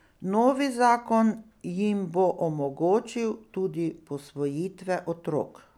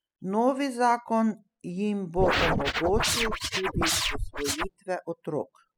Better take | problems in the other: first | noise reduction (classical method spectral subtraction)

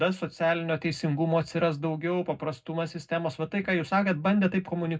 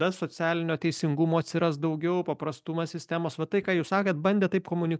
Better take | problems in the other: second | room echo; dies away in 0.3 s

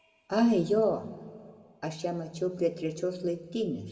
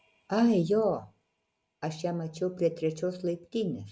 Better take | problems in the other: second | room echo; dies away in 1.5 s

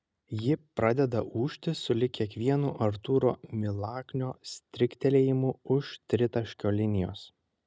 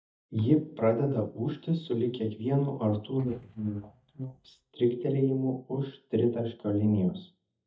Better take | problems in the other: first | noise reduction (neural mask model DeepFilterNet 3)

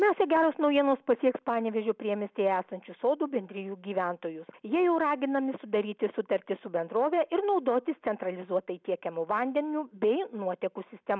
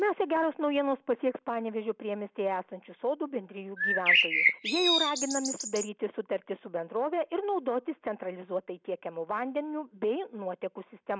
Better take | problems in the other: first | background sound (Bird); 5 dB above the speech

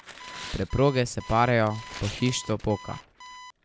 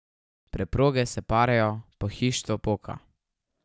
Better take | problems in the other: second | background sound (Tearing + Alarm); 15 dB below the speech

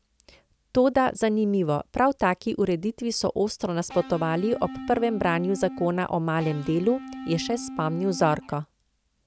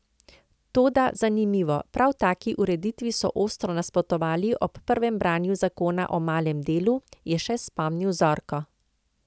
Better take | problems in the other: second | background sound (Electric guitar / Bass guitar); 12 dB below the speech

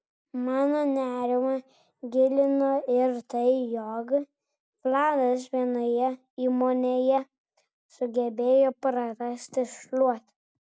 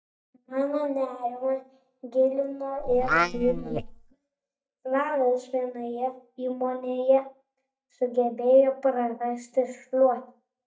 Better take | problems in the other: first | noise reduction (neural mask model DeepFilterNet 3)

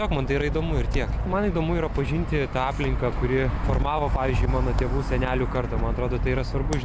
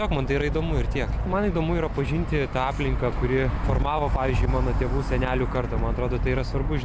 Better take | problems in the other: second | background sound (Hands); 16 dB below the speech

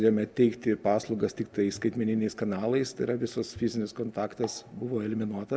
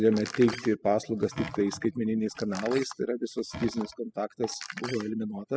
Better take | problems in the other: first | noise reduction (classical method spectral subtraction)

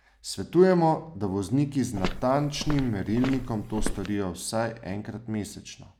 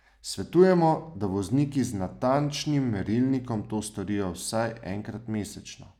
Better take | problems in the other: second | background sound (Walk, footsteps); 6 dB below the speech

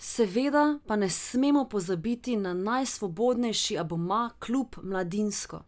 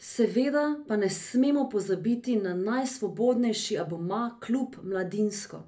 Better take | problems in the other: first | room echo; dies away in 0.3 s

